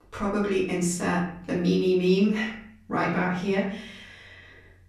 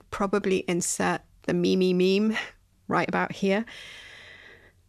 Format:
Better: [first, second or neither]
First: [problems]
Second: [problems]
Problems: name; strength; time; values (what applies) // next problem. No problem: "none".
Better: second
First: off-mic speech; far // room echo; noticeable; dies away in 0.6 s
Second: none